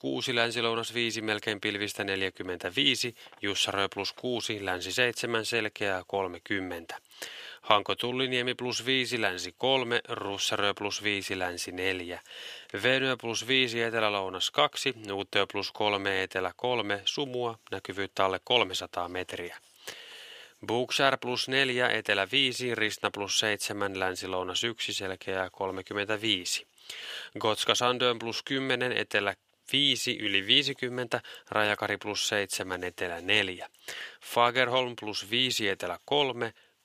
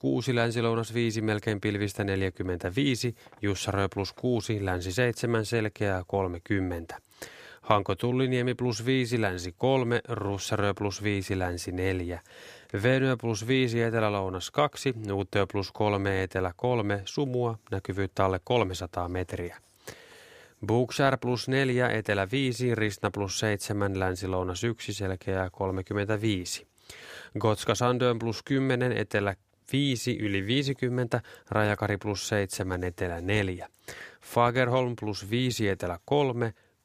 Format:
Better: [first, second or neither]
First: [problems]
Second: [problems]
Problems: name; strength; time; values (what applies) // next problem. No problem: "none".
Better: second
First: thin; somewhat; fading below 1 kHz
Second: none